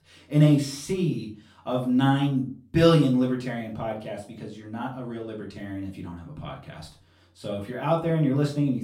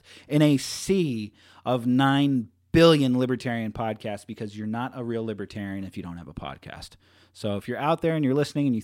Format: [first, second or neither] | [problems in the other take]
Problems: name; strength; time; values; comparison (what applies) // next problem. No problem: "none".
second | off-mic speech; far // room echo; slight; dies away in 0.3 s